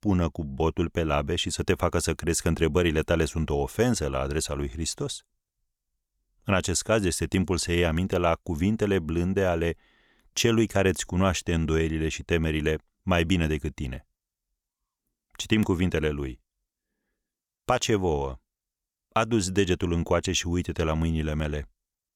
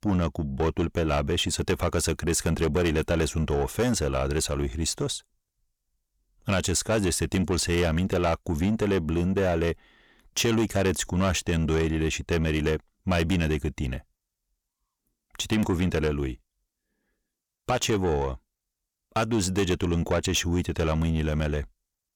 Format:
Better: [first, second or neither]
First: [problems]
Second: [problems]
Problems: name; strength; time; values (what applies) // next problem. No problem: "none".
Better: first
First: none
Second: distortion; slight; 10 dB below the speech